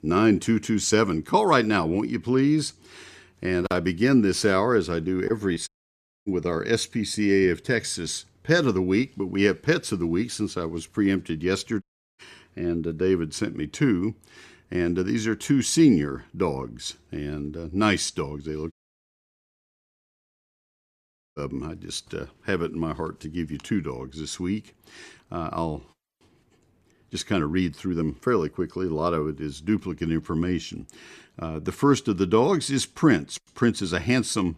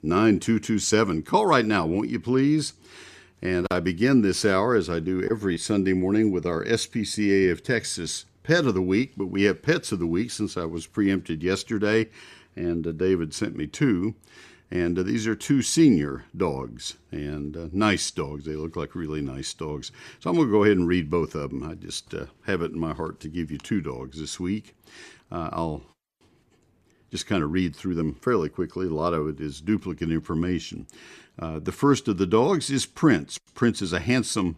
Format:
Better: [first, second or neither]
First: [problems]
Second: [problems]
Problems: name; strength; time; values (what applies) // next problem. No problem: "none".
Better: second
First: audio cutting out; at 5.5 s for 0.5 s, at 12 s and at 19 s for 2.5 s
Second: none